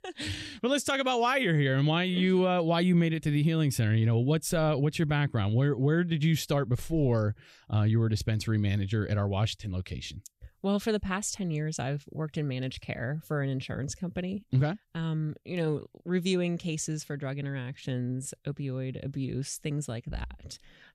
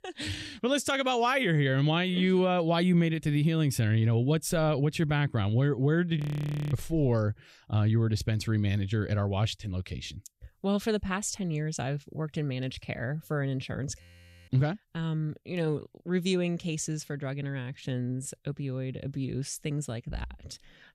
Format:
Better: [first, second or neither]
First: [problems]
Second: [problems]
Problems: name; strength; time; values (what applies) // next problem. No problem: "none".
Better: first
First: none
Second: audio freezing; at 6 s for 0.5 s and at 14 s